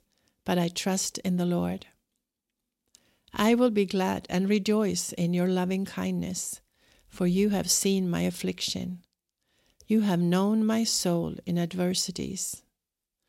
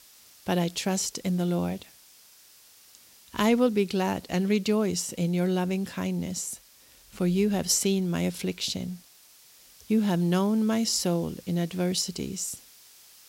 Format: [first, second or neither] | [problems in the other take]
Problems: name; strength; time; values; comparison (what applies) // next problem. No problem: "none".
first | hiss; faint; throughout; 25 dB below the speech